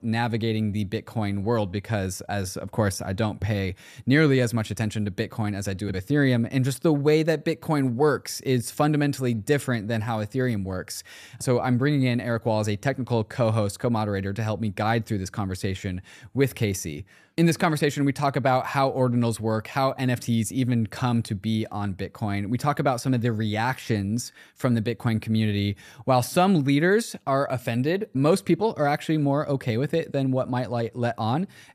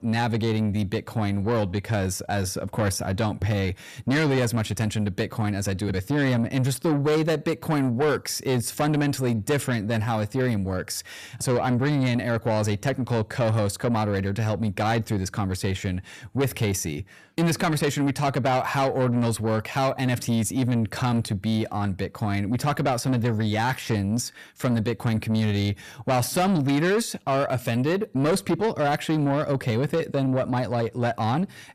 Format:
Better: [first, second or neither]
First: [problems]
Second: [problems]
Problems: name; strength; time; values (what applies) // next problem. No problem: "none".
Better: first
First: none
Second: distortion; slight; 10 dB below the speech